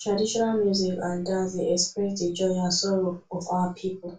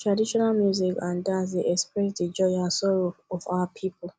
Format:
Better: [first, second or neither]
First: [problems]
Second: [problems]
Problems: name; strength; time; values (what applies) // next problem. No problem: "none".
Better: second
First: room echo; dies away in 0.2 s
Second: none